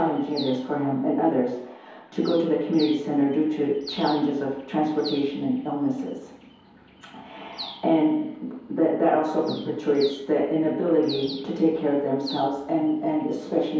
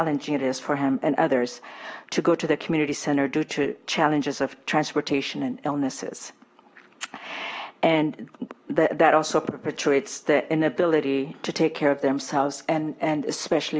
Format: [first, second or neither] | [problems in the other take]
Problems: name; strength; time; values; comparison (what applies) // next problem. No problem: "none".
second | background sound (Bird); 19 dB below the speech // room echo; dies away in 2.2 s